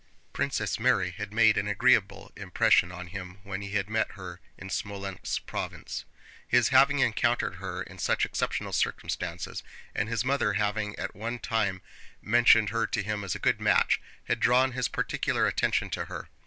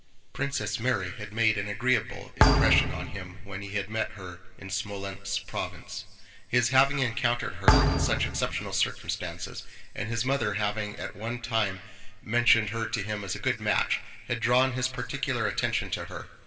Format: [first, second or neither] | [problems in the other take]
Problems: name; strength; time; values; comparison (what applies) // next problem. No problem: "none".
first | background sound (Thump, thud); 3 dB above the speech // room echo; dies away in 2.7 s